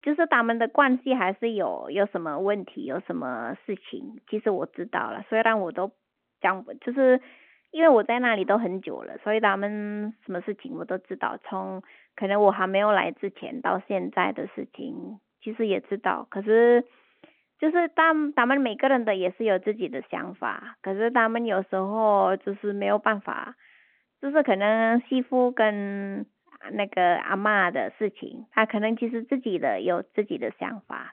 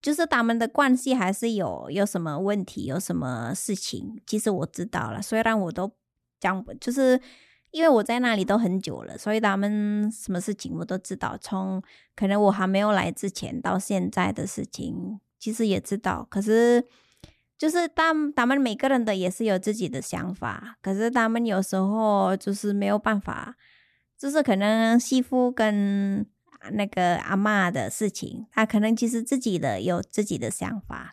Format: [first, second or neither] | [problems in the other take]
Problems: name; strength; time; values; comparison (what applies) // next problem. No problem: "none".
second | phone-call audio